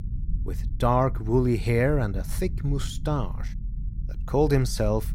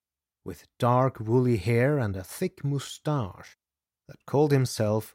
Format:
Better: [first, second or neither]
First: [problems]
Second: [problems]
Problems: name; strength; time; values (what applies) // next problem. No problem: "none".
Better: second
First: low rumble; faint; throughout; 25 dB below the speech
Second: none